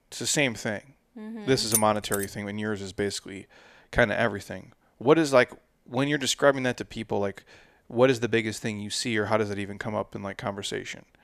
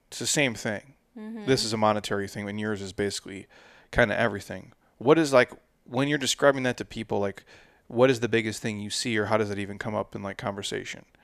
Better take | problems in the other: second | jangling keys; loud; at 1.5 s; peak level with the speech

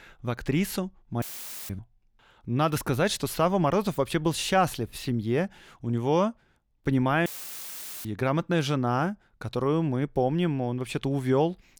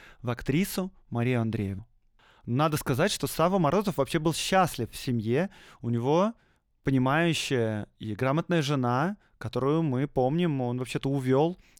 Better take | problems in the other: second | audio cutting out; filled with static; at 1 s and at 7.5 s for 1 s

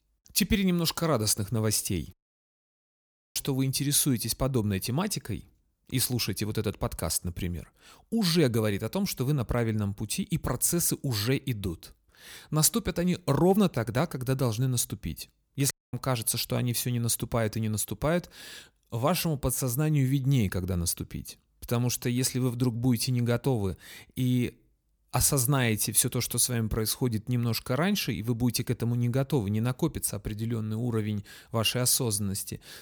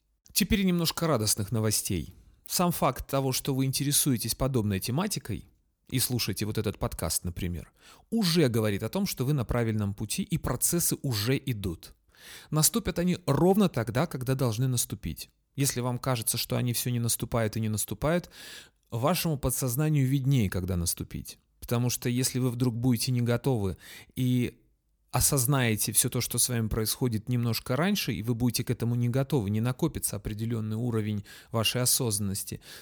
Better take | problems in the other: second | audio cutting out; at 2 s for 1 s and at 16 s

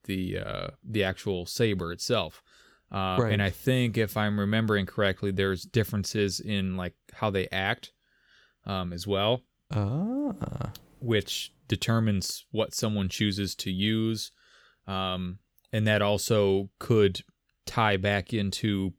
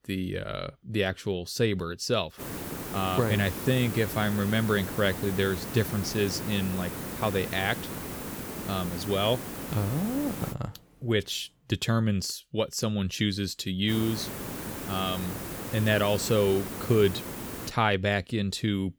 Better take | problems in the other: first | hiss; loud; from 2.5 to 11 s and from 14 to 18 s; 7 dB below the speech

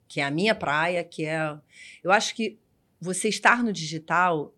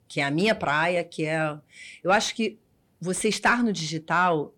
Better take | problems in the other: first | distortion; slight; 10 dB below the speech

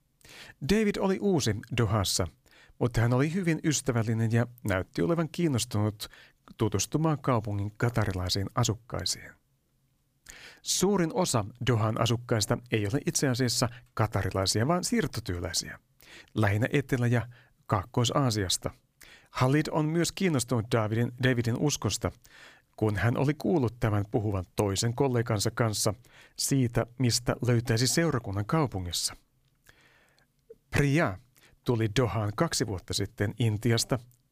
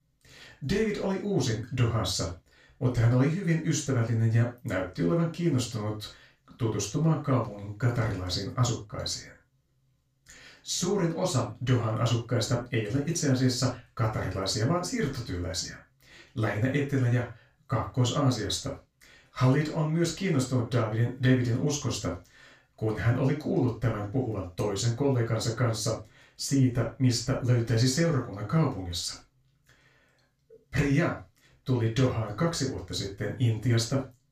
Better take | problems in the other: first | room echo; noticeable; dies away in 0.2 s // off-mic speech; far

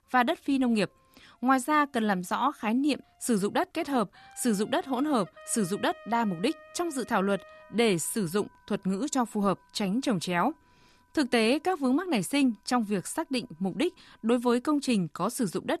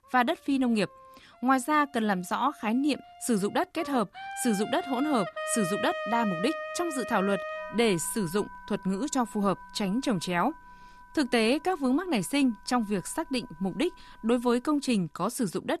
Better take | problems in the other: first | background music; loud; throughout; 9 dB below the speech; faint in the first

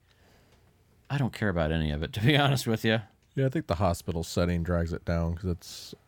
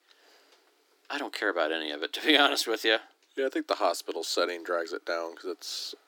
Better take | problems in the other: first | thin; very; fading below 300 Hz

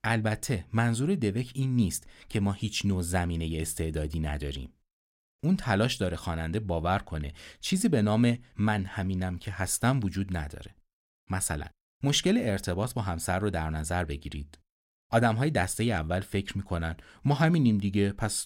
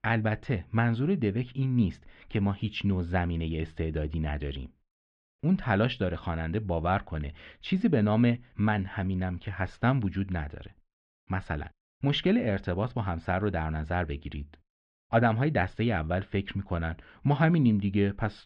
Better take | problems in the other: first | muffled; very; fading above 3 kHz

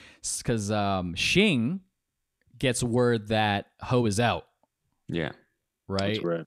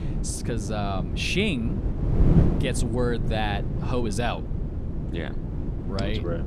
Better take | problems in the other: first | wind noise on the microphone; heavy; 7 dB below the speech

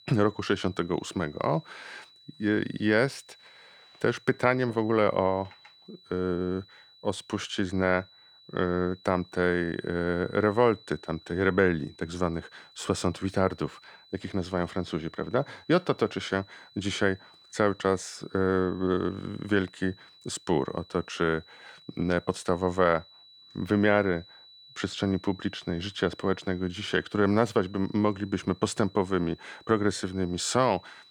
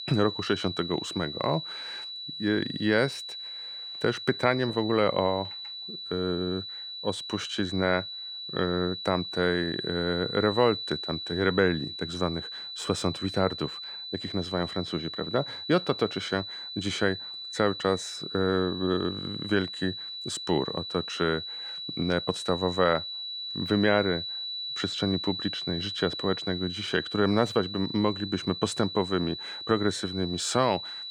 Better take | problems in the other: first | high-pitched whine; loud; throughout; 4 kHz, 6 dB below the speech; faint in the first

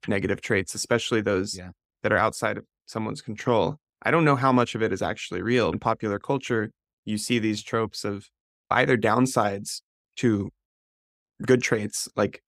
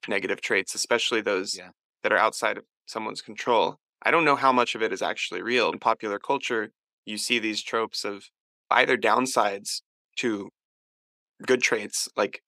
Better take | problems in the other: first | thin; somewhat; fading below 350 Hz

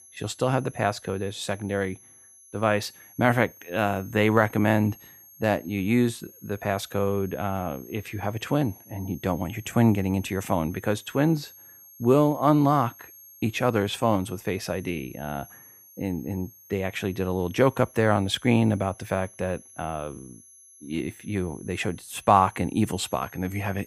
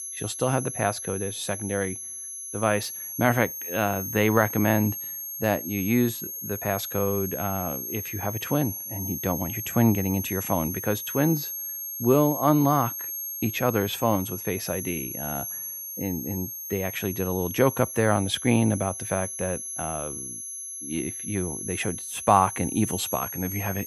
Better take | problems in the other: first | high-pitched whine; loud; throughout; 11.5 kHz, 6 dB below the speech; faint in the first

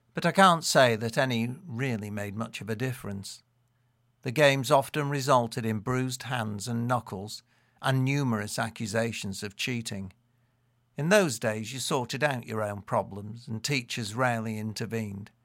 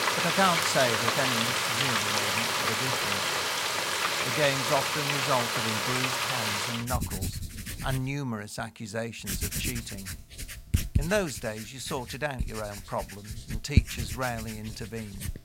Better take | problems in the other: first | household noises; very loud; throughout; 5 dB above the speech

